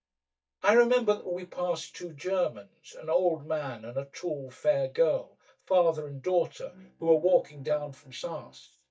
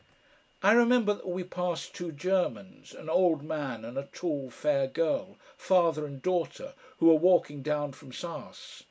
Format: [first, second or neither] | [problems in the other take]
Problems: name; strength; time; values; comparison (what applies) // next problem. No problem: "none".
second | noise reduction (neural mask model DeepFilterNet 3)